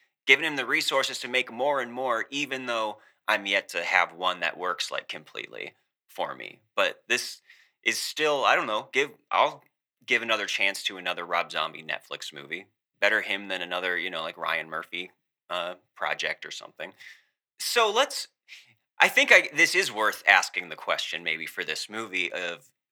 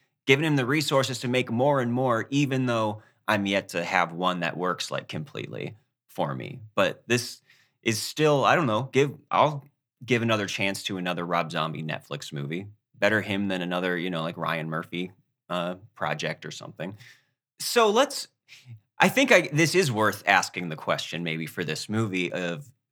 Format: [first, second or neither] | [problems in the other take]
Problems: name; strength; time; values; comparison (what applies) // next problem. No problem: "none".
second | thin; somewhat; fading below 500 Hz